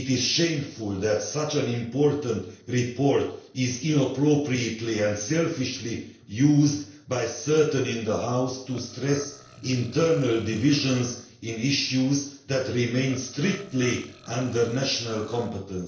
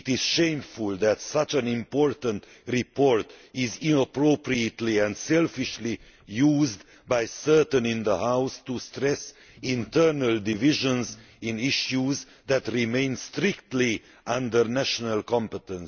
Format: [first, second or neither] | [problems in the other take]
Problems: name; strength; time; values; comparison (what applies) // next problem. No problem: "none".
second | noise reduction (neural separator model SepFormer DNS4)